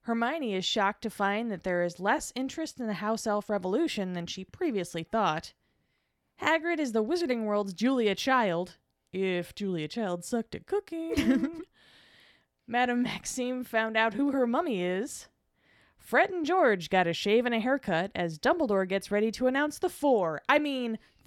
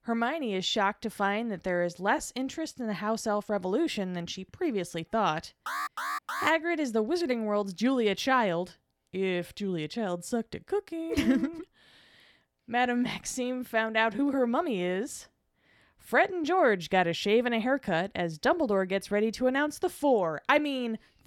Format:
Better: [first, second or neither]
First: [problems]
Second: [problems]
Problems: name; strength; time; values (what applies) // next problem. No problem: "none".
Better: first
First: none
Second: alarm; noticeable; at 5.5 s; peak 4 dB below the speech